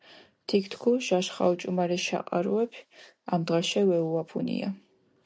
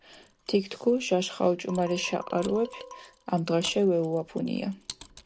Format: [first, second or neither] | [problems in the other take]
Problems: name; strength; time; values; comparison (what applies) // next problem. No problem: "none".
first | background sound (Mechanisms + Marimba, xylophone); 19 dB below the speech